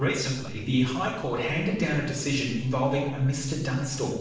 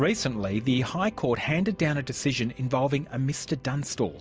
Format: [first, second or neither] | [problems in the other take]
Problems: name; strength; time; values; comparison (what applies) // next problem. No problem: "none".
second | noise reduction (neural separator model SepFormer DNS4)